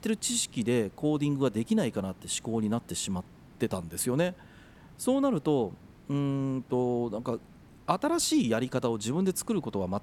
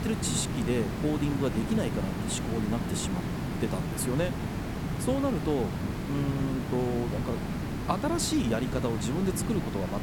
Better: first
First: hiss; faint; throughout; 25 dB below the speech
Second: hiss; loud; throughout; 2 dB below the speech

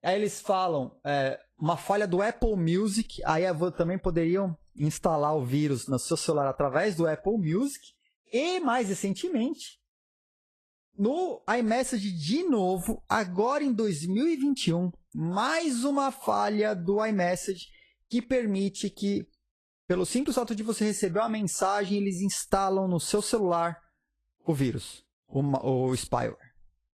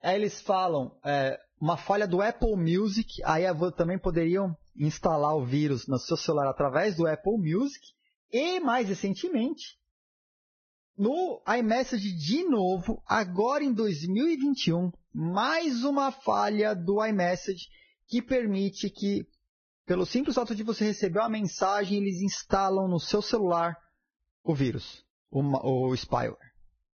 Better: first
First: garbled, watery; slightly; nothing above 12.5 kHz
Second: garbled, watery; badly; nothing above 6.5 kHz

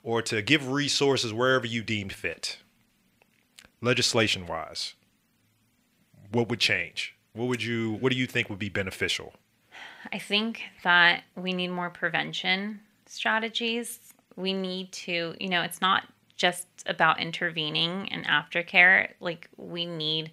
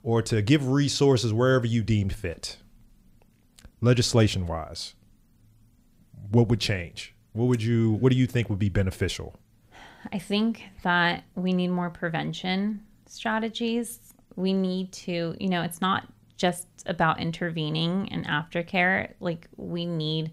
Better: second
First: thin; somewhat; fading below 800 Hz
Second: none

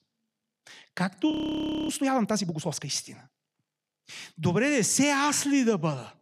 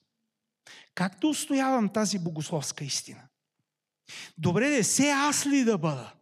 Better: second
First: audio freezing; at 1.5 s for 0.5 s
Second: none

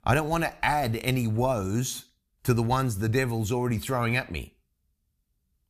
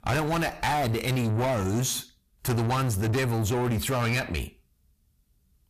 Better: first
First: none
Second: distortion; heavy; 7 dB below the speech

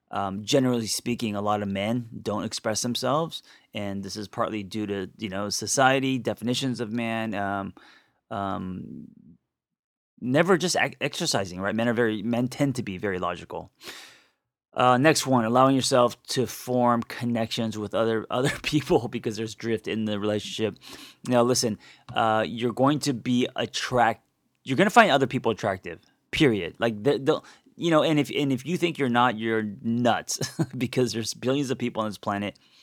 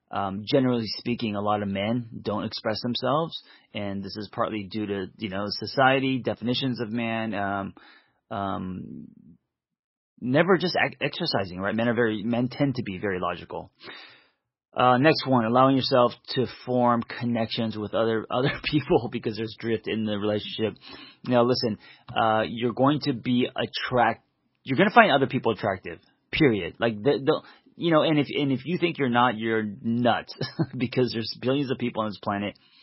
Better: first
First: none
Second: garbled, watery; badly; nothing above 5.5 kHz

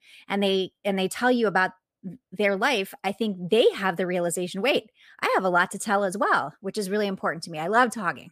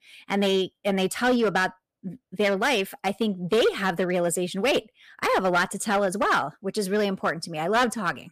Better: first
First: none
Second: distortion; slight; 6% of the sound clipped

